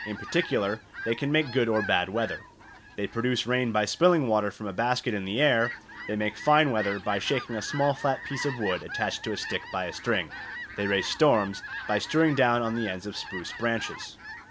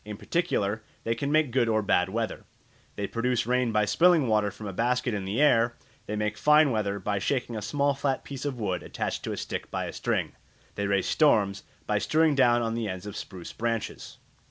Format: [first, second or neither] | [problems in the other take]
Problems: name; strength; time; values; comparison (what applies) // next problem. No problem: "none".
second | background sound (Fowl); 13 dB below the speech